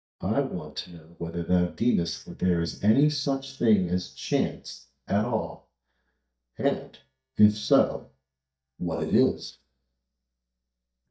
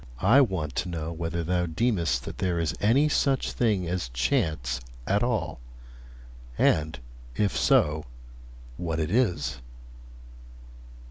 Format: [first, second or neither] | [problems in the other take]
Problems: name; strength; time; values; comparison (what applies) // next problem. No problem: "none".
second | noise reduction (neural mask model DeepFilterNet 3)